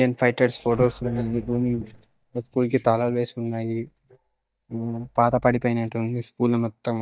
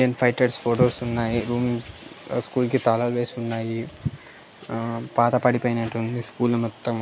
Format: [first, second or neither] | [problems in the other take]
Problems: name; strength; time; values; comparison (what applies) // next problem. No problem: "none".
second | noise reduction (neural mask model DeepFilterNet 3)